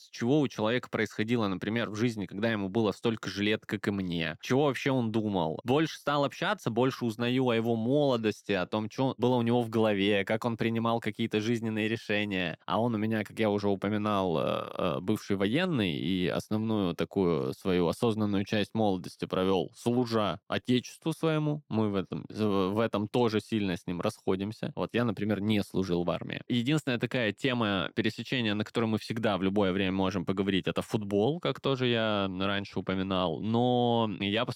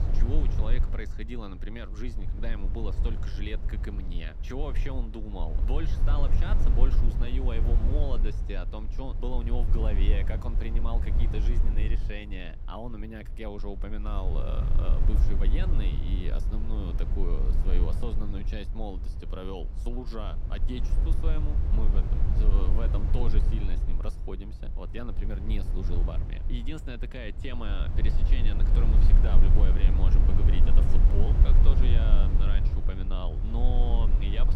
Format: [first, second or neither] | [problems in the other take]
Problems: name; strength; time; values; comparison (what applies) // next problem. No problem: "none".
first | low rumble; loud; throughout; 4 dB below the speech